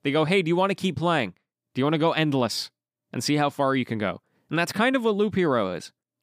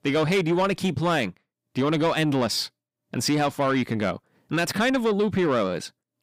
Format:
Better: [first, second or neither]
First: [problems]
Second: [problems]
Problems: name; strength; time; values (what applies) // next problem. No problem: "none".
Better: first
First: none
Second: distortion; slight; 10 dB below the speech